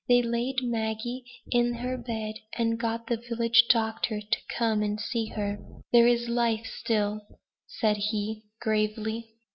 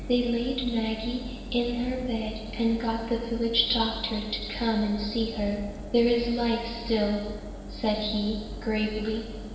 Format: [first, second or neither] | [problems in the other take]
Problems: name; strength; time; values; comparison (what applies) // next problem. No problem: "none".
first | background sound (Engine); 10 dB below the speech // room echo; dies away in 1.3 s